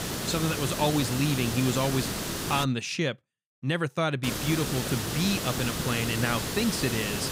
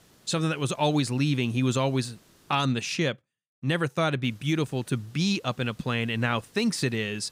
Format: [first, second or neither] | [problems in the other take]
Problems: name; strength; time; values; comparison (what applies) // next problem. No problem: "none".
second | hiss; loud; until 2.5 s and from 4 s on; 2 dB below the speech; faint in the second